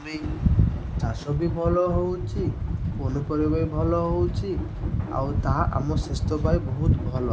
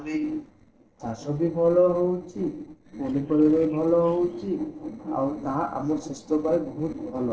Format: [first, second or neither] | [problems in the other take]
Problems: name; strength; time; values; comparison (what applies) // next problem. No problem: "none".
first | noise reduction (neural separator model SepFormer DNS4)